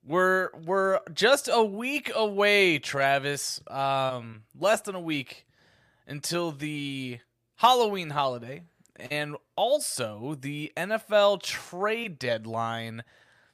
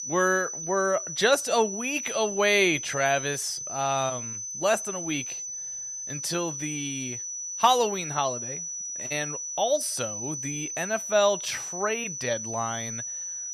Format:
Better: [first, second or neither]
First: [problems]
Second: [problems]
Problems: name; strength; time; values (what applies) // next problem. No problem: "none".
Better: first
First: none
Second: high-pitched whine; loud; throughout; 6 kHz, 5 dB below the speech